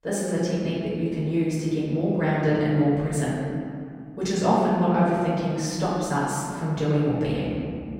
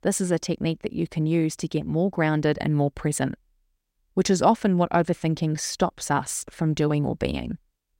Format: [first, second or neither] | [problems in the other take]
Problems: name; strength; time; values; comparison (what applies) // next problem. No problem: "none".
second | off-mic speech; far // room echo; strong; dies away in 2.3 s